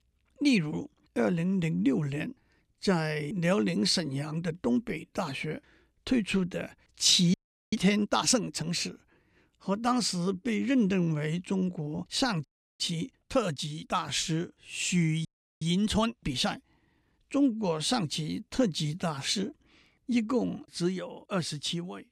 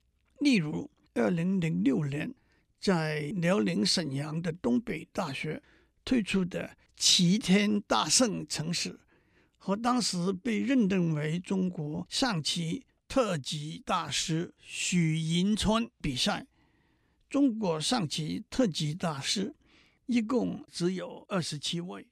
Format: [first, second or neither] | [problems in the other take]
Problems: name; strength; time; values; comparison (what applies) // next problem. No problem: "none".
second | audio freezing; at 7.5 s, at 12 s and at 15 s